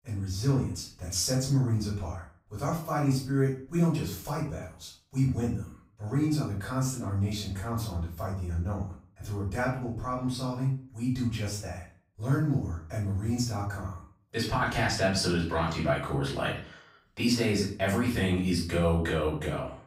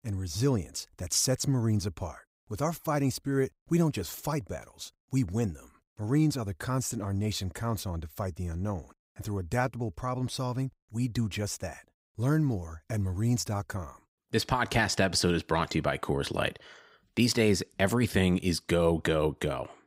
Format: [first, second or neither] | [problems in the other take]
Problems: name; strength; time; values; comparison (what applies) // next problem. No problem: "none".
second | off-mic speech; far // room echo; noticeable; dies away in 0.4 s